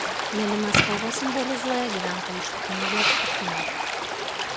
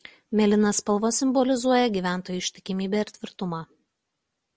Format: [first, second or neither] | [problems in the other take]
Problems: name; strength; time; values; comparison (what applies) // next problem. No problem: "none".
second | background sound (Fireworks + Stream); 4 dB above the speech